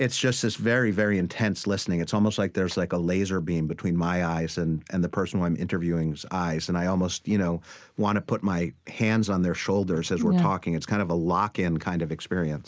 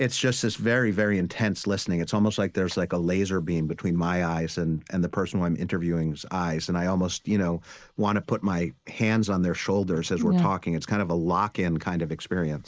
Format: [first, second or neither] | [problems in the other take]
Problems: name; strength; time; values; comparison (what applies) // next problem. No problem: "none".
first | noise reduction (neural mask model Resemble Enhance denoiser)